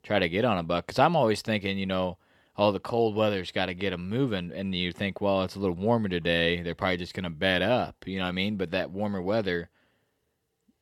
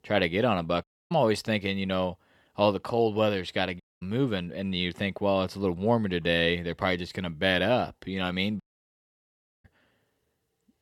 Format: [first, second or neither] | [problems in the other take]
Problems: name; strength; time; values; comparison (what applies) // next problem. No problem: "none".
first | audio cutting out; at 1 s, at 4 s and at 8.5 s for 1 s